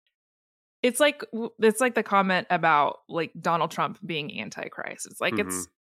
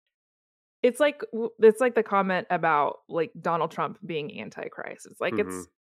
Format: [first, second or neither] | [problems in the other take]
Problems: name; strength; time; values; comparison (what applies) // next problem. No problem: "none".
first | muffled; slightly; fading above 3 kHz